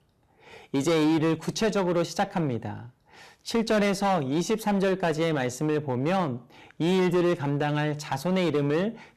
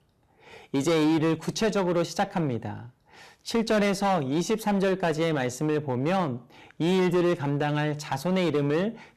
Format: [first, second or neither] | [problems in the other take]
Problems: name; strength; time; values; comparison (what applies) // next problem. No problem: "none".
neither | distortion; slight; 9% of the sound clipped; the same in both